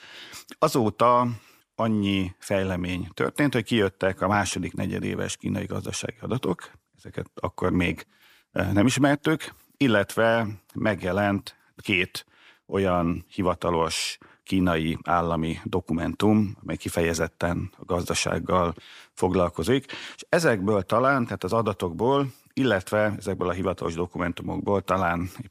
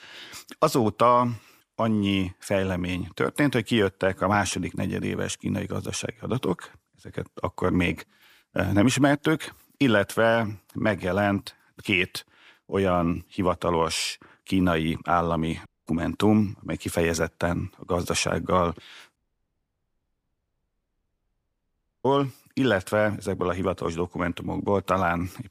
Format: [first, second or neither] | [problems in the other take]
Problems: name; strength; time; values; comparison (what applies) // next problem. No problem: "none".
first | audio cutting out; at 16 s and at 19 s for 3 s